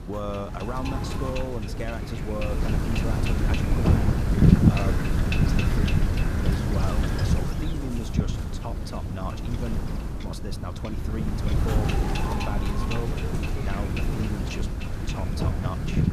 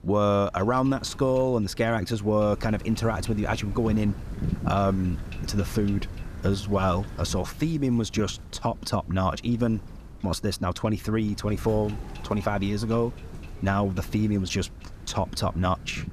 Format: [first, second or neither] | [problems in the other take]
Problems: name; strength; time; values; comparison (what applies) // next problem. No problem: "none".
second | wind noise on the microphone; heavy; 4 dB above the speech; occasional gusts in the second